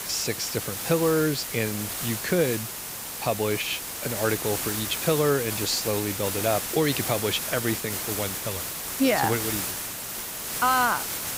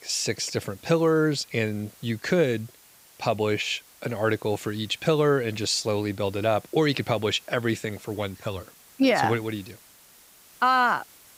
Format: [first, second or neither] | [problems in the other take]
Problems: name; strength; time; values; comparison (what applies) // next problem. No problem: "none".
second | hiss; loud; throughout; 3 dB below the speech; faint in the second